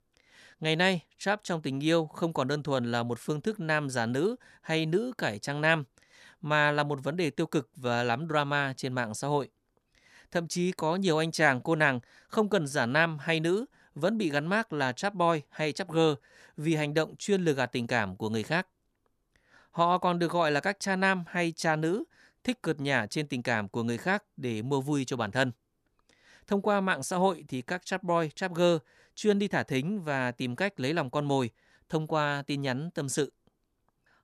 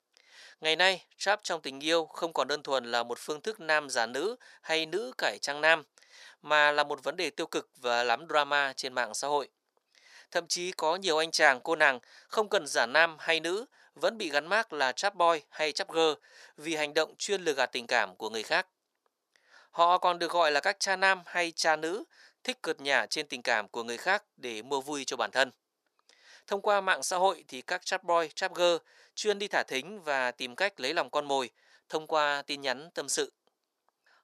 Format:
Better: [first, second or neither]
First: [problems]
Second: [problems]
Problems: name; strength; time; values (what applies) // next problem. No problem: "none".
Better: first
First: none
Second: thin; very; fading below 600 Hz